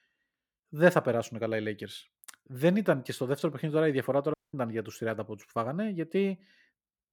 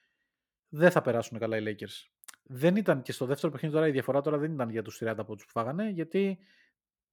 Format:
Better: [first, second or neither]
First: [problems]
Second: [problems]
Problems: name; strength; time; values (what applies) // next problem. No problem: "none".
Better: second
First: audio cutting out; at 4.5 s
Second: none